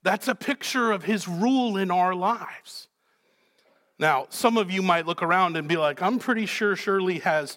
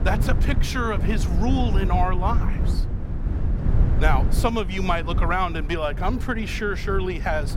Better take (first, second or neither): first